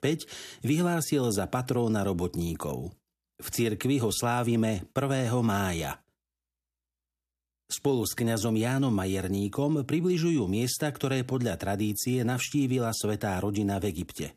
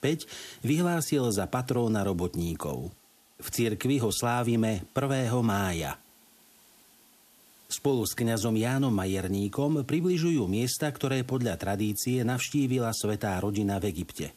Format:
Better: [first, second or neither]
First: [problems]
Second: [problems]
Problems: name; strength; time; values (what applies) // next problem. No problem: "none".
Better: first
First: none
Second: hiss; faint; throughout; 30 dB below the speech